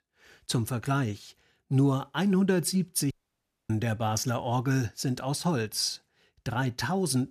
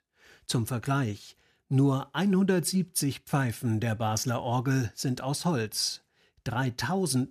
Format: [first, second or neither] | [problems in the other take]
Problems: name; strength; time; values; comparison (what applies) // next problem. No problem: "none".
second | audio cutting out; at 3 s for 0.5 s